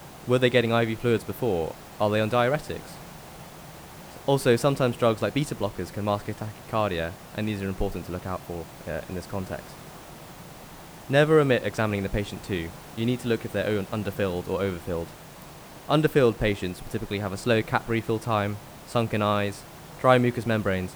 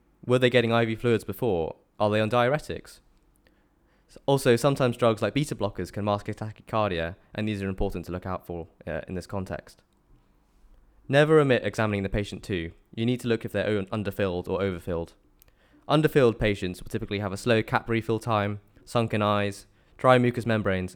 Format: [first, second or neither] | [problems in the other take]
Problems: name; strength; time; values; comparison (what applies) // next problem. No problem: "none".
second | hiss; noticeable; throughout; 20 dB below the speech